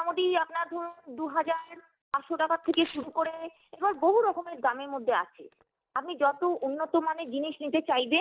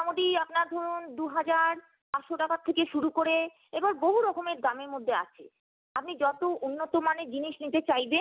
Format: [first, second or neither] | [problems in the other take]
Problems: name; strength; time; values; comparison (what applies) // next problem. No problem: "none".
second | noise reduction (neural mask model DeepFilterNet 3)